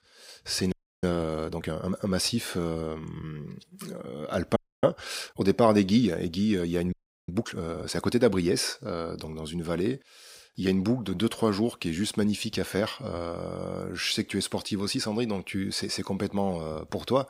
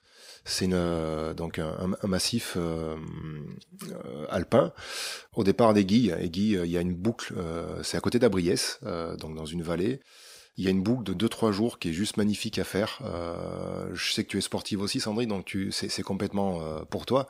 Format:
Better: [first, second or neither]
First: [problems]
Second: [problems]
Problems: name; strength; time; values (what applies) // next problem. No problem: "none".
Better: second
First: audio freezing; at 0.5 s, at 4.5 s and at 7 s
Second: none